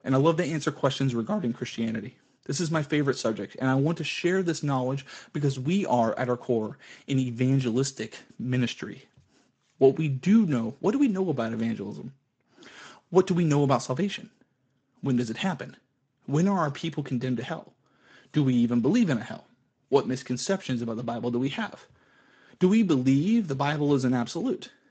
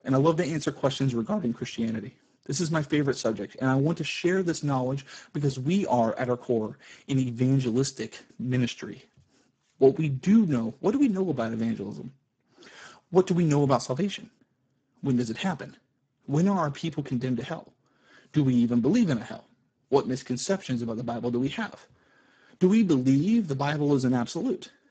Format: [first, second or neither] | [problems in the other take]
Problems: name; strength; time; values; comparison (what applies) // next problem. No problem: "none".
first | garbled, watery; badly; nothing above 8 kHz; slightly in the first